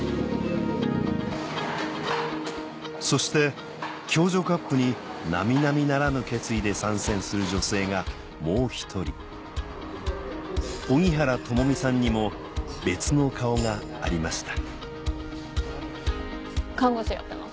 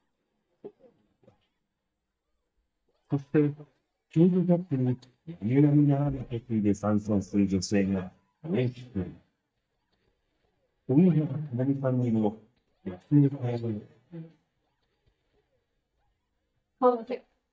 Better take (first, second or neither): first